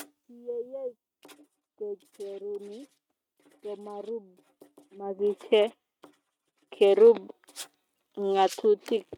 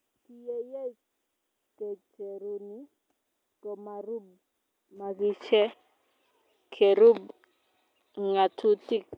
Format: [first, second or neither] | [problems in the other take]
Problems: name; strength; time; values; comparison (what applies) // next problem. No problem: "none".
second | noise reduction (neural mask model RNNoise)